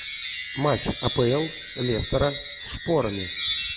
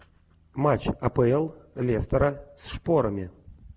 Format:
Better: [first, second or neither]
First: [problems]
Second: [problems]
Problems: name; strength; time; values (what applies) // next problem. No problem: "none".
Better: second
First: background sound (Wind chime); 6 dB below the speech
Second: none